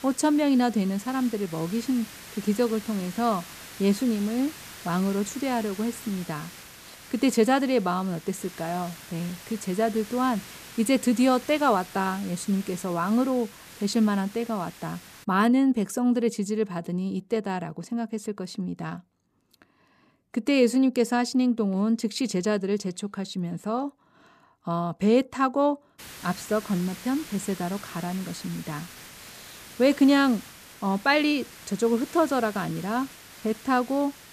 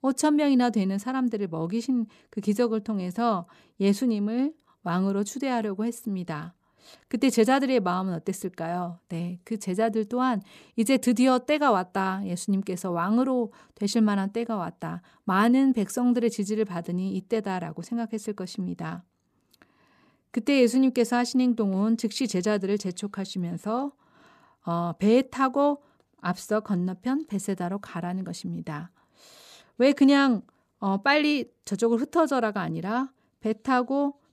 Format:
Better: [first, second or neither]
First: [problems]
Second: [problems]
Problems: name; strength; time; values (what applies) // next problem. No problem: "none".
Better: second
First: hiss; noticeable; until 15 s and from 26 s on; 15 dB below the speech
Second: none